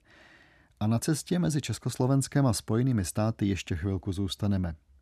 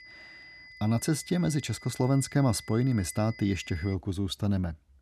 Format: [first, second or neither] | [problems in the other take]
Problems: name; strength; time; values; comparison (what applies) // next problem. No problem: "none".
first | high-pitched whine; noticeable; until 4 s; 2 kHz, 20 dB below the speech